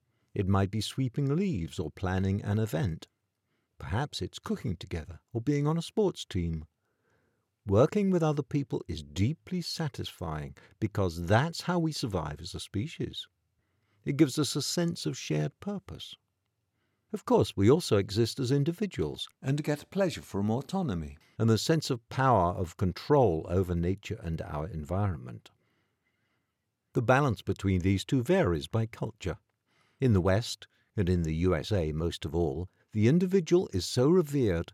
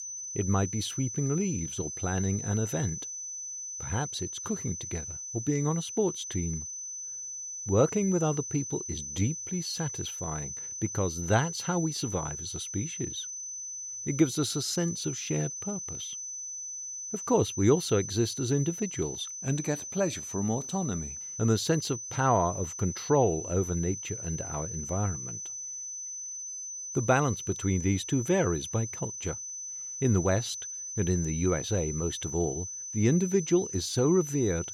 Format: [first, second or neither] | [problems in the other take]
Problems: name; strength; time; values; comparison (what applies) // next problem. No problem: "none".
first | high-pitched whine; loud; throughout; 6 kHz, 6 dB below the speech